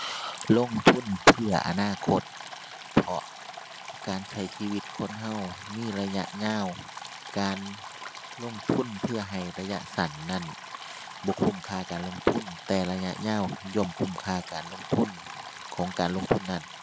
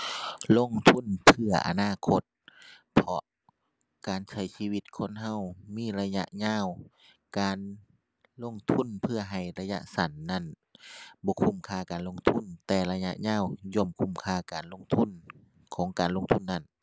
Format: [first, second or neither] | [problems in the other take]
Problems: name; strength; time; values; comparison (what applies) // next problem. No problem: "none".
second | background sound (Stream); 13 dB below the speech